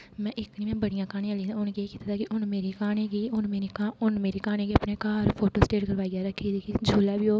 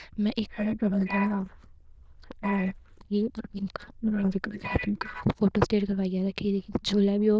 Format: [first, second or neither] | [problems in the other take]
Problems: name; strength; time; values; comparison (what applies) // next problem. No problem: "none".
first | noise reduction (neural diffusion model UNIVERSE++)